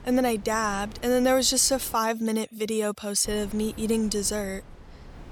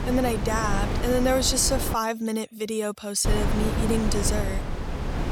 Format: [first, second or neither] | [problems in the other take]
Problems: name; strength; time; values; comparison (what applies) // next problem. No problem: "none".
first | wind noise on the microphone; heavy; until 2 s and from 3.5 s on; 7 dB below the speech; occasional gusts in the first